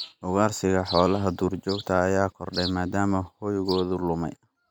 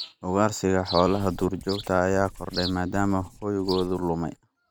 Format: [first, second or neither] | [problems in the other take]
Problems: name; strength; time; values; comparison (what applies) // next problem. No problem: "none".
first | background sound (Writing); 19 dB below the speech